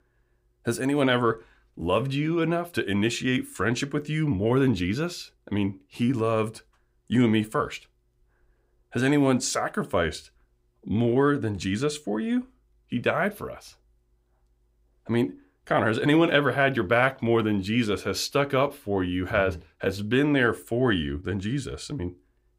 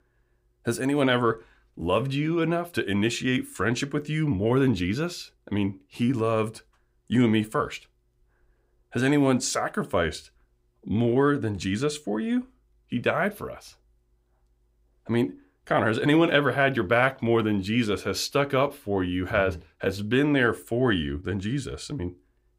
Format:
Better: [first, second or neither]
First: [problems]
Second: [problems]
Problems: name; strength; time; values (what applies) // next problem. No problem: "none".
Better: neither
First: none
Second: none